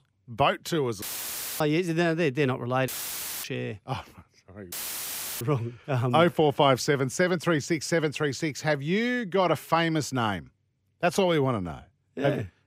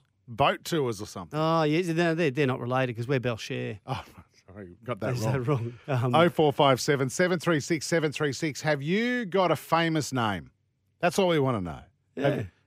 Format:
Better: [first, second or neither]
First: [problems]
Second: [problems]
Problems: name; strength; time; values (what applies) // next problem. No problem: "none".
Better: second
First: audio cutting out; filled with static; at 1 s for 0.5 s, at 3 s for 0.5 s and at 4.5 s for 0.5 s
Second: none